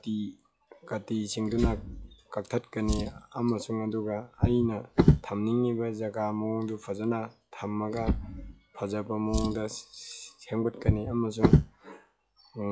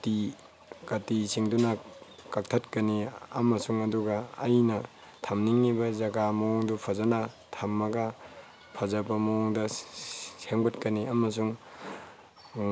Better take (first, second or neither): second